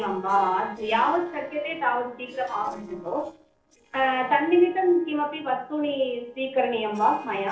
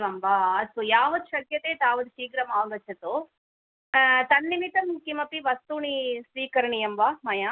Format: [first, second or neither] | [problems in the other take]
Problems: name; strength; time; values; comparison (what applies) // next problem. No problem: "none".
second | noise reduction (neural separator model SepFormer DNS4)